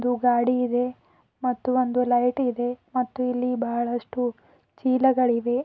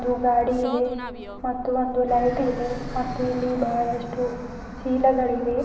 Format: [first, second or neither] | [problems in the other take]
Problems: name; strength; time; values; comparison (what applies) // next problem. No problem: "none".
first | background sound (Fixed-wing aircraft, airplane); 11 dB below the speech // room echo; dies away in 2 s